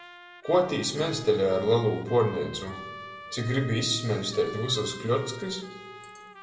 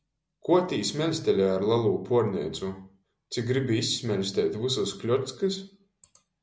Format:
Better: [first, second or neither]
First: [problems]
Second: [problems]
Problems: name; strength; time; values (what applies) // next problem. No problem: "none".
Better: second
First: background sound (Trumpet); 17 dB below the speech // room echo; dies away in 1.1 s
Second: none